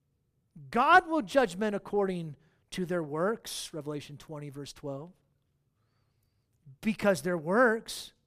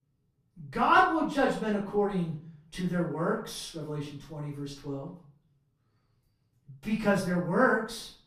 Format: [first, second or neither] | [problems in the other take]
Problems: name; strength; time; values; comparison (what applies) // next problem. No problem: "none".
first | off-mic speech; far // room echo; noticeable; dies away in 0.4 s